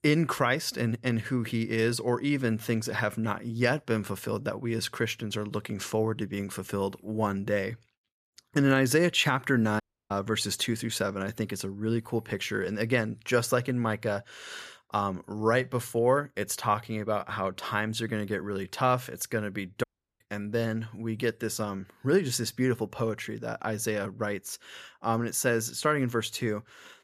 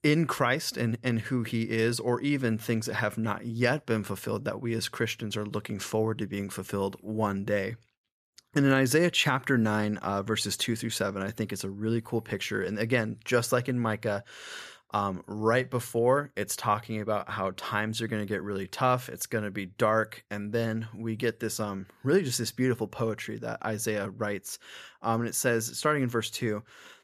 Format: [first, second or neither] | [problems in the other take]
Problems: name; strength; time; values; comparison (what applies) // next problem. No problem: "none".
second | audio cutting out; at 10 s and at 20 s